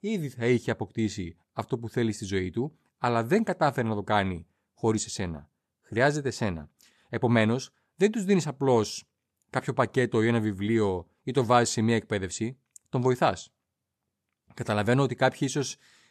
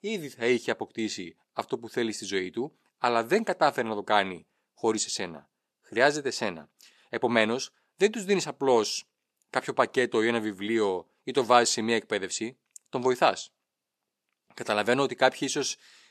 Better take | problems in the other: first | thin; somewhat; fading below 300 Hz

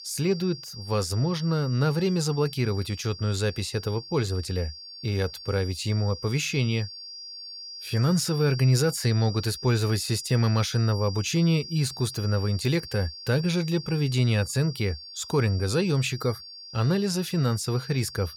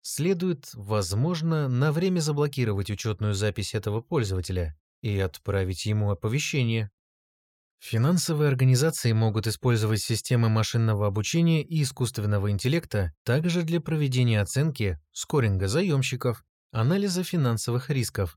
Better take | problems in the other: second | high-pitched whine; noticeable; throughout; 4.5 kHz, 15 dB below the speech

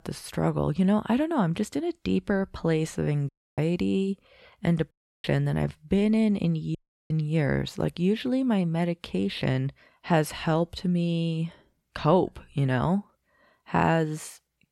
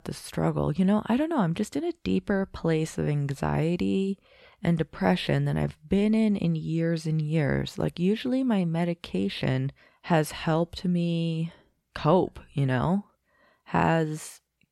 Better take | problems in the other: second | audio cutting out; at 3.5 s, at 5 s and at 7 s

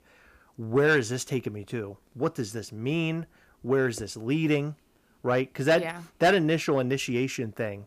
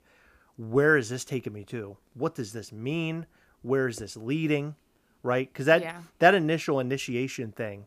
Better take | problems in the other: second | distortion; slight; 10 dB below the speech

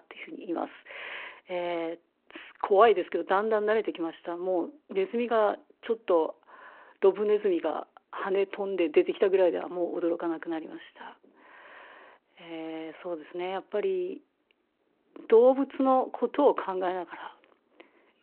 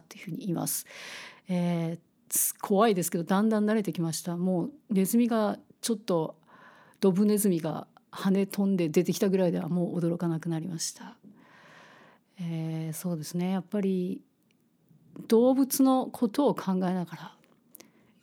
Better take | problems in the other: second | phone-call audio

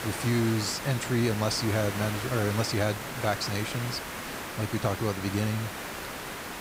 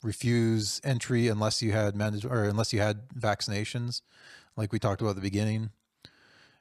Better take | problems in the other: second | hiss; loud; throughout; 6 dB below the speech

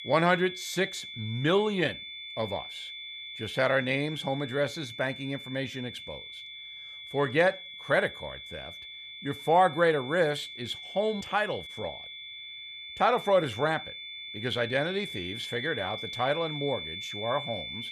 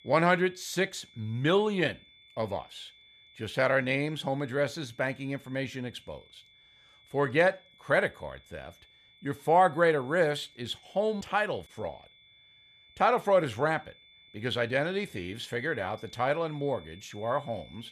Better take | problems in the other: second | high-pitched whine; loud; throughout; 3.5 kHz, 10 dB below the speech; faint in the second

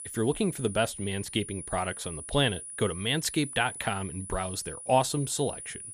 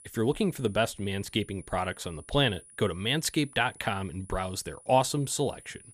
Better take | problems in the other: second | high-pitched whine; loud; throughout; 9.5 kHz, 10 dB below the speech; faint in the second

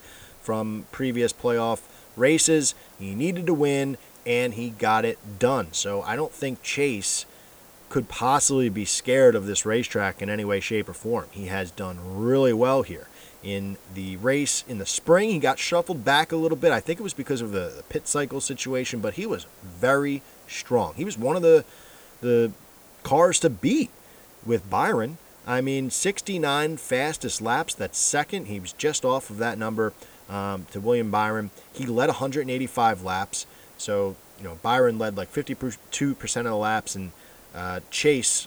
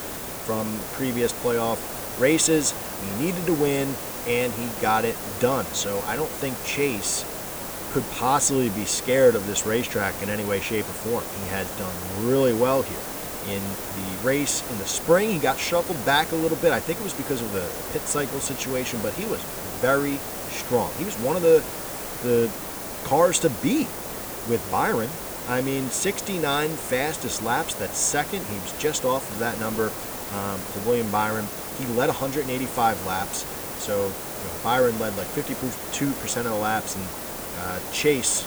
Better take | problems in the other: first | hiss; loud; throughout; 6 dB below the speech; faint in the first

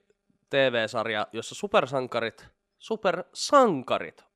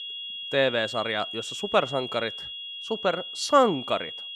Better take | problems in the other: first | high-pitched whine; loud; throughout; 3.5 kHz, 8 dB below the speech

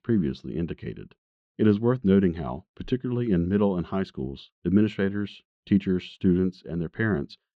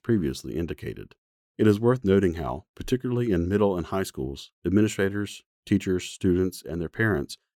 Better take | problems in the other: second | muffled; slightly; fading above 4 kHz

